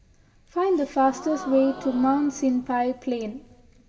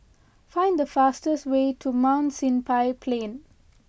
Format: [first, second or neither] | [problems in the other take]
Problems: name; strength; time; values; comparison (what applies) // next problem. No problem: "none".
second | background sound (Gasp); 17 dB below the speech // room echo; dies away in 0.9 s